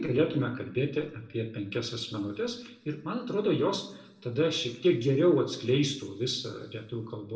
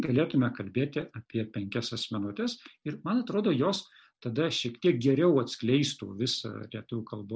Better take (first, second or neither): second